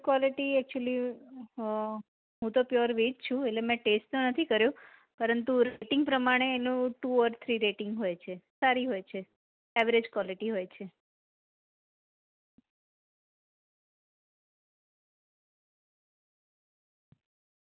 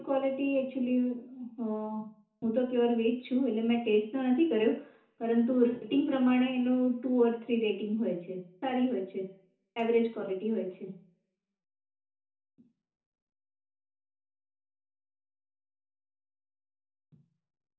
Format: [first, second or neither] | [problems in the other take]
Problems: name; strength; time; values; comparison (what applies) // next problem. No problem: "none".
first | room echo; dies away in 0.6 s